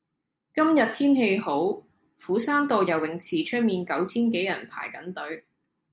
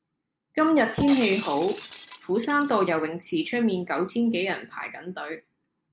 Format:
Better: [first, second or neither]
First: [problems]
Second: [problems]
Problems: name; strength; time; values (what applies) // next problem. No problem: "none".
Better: first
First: none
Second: background sound (Shatter); 13 dB below the speech